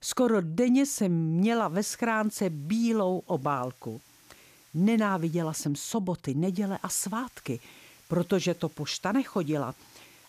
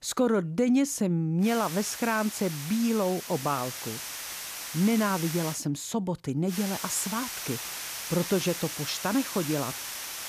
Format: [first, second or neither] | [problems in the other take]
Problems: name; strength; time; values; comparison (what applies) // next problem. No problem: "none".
first | hiss; loud; from 1.5 to 5.5 s and from 6.5 s on; 7 dB below the speech; faint in the first